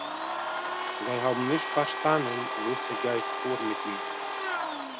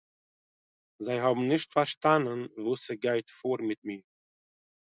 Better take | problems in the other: second | background sound (Domestic sounds, home sounds); 1 dB below the speech

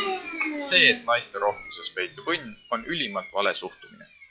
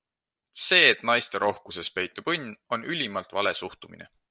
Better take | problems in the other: second | noise reduction (classical method log-MMSE)

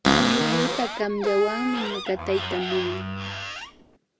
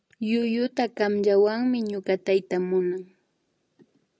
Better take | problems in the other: second | background sound (Cupboard open or close); 1 dB above the speech

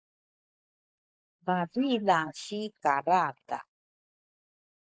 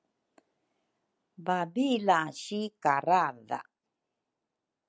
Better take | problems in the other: second | noise reduction (neural mask model Resemble Enhance denoiser)

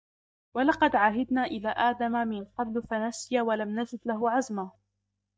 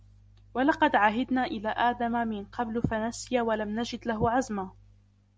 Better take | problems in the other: second | noise reduction (neural mask model DeepFilterNet 3)

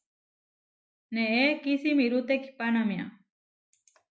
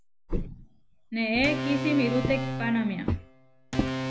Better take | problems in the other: first | background sound (Walk, footsteps + Organ); 2 dB below the speech

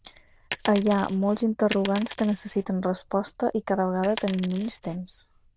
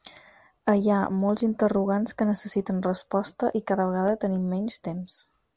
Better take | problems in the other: second | noise reduction (neural diffusion model UNIVERSE++)

